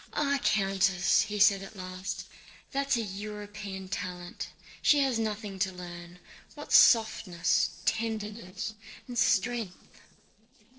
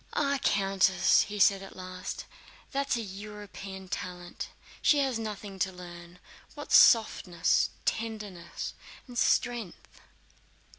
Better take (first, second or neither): second